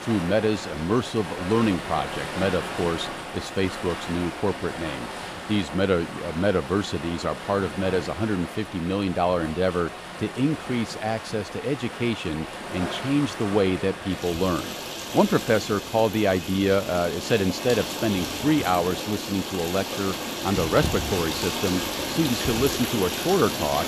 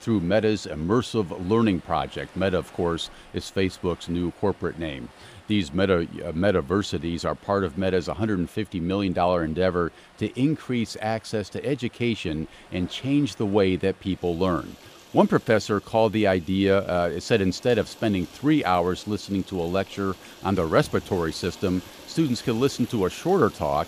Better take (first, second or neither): second